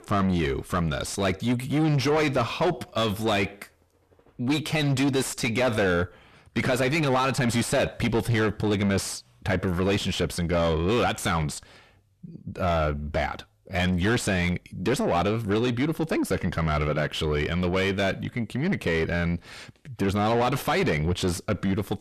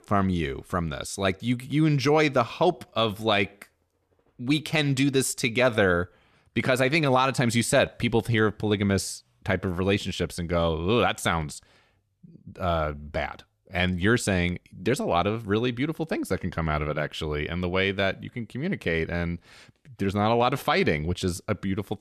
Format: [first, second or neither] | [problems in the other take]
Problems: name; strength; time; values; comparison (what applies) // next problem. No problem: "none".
second | distortion; heavy; 6 dB below the speech